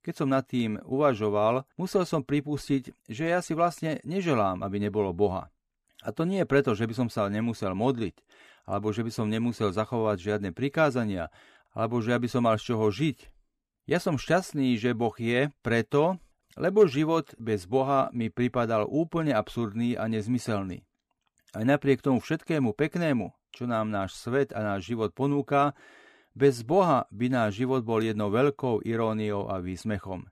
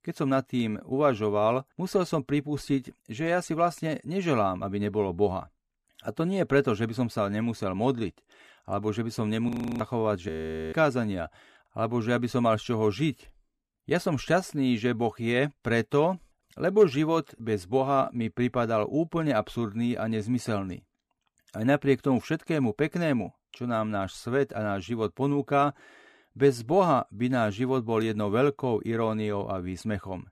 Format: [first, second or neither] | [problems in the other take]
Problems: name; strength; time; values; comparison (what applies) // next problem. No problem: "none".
first | audio freezing; at 9.5 s and at 10 s